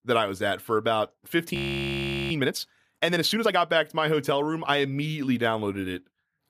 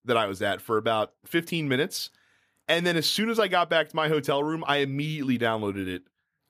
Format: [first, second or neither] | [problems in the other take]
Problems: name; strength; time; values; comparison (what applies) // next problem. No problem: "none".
second | audio freezing; at 1.5 s for 0.5 s